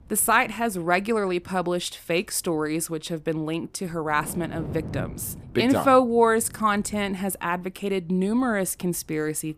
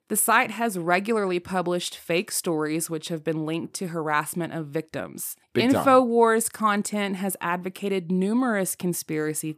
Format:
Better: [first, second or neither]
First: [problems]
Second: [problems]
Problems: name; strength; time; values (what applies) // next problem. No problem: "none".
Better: second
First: wind noise on the microphone; occasional gusts; 20 dB below the speech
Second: none